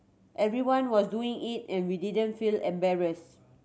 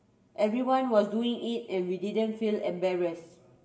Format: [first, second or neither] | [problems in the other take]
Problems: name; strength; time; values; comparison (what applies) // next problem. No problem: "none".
first | room echo; dies away in 0.7 s